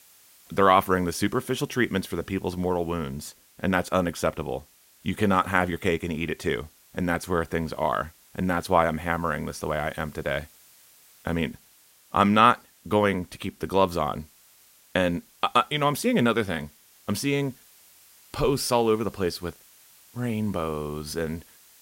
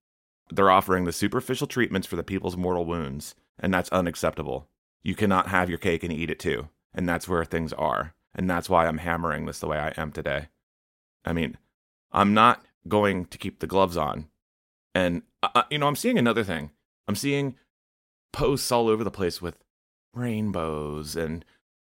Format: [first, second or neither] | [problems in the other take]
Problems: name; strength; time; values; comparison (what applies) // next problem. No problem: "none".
second | hiss; faint; throughout; 25 dB below the speech